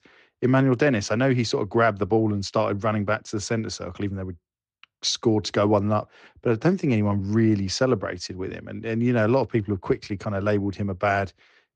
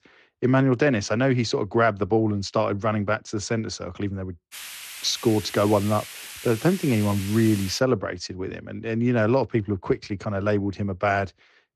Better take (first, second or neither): first